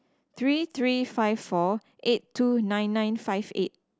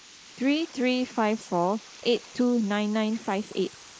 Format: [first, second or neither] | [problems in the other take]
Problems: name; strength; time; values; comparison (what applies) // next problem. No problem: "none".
first | noise reduction (neural mask model Resemble Enhance denoiser)